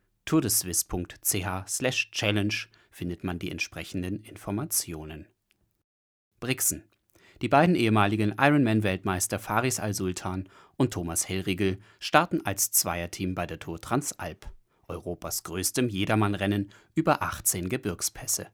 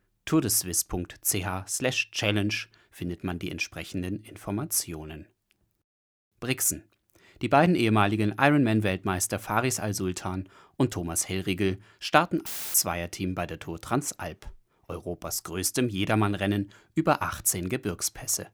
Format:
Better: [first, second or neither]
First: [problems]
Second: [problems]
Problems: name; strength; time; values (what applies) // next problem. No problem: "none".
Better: first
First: none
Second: audio cutting out; filled with static; at 12 s